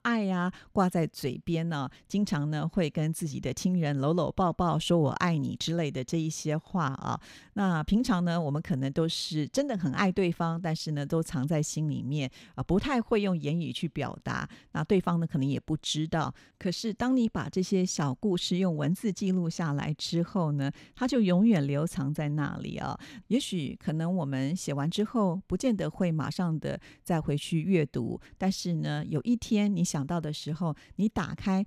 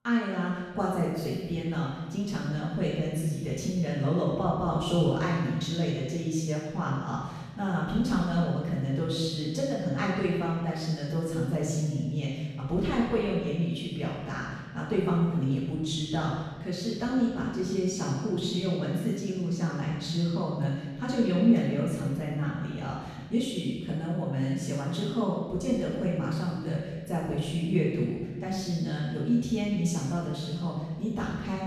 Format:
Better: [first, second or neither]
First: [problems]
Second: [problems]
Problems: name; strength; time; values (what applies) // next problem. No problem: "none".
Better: first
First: none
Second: off-mic speech; far // room echo; strong; dies away in 1.3 s